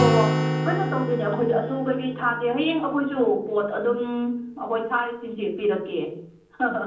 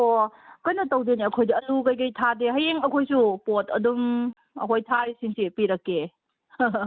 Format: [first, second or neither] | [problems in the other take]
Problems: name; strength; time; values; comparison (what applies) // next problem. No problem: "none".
second | background sound (Acoustic guitar); 5 dB below the speech // room echo; dies away in 0.6 s